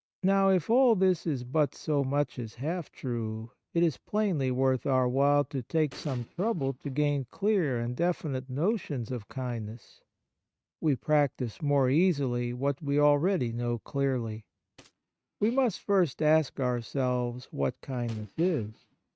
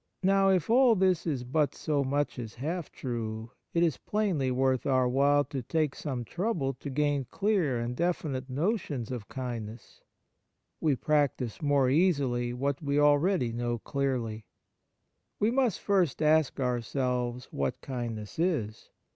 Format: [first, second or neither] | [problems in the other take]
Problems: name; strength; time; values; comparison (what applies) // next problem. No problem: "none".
second | noise reduction (neural mask model RNNoise)